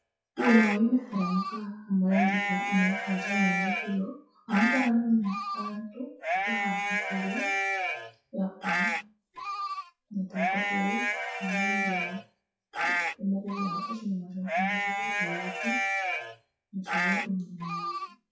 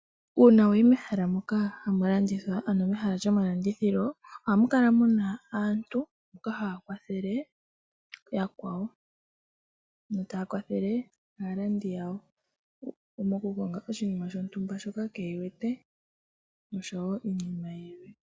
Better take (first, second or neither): second